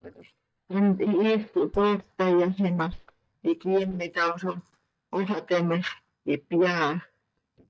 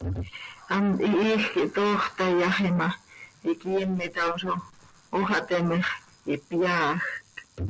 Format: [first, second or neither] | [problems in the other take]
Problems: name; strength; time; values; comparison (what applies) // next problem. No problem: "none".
second | noise reduction (neural mask model DeepFilterNet 3)